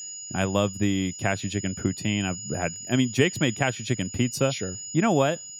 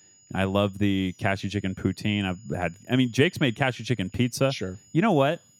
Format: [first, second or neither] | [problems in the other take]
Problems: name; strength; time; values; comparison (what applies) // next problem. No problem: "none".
second | high-pitched whine; loud; throughout; 7 kHz, 10 dB below the speech; faint in the second